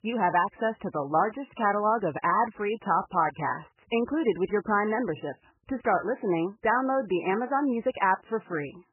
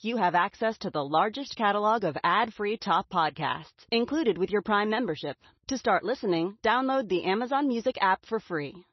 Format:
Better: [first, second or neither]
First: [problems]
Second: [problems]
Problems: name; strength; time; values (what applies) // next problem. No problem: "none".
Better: second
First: garbled, watery; badly; nothing above 3 kHz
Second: garbled, watery; slightly; nothing above 6 kHz